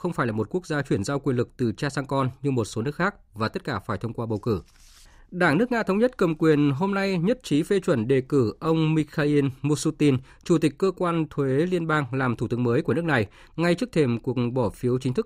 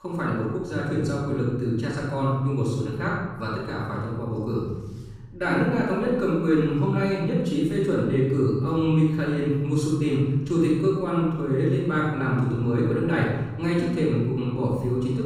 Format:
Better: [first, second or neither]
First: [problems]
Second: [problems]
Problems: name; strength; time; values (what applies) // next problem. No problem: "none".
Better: first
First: none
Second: off-mic speech; far // room echo; strong; dies away in 1.4 s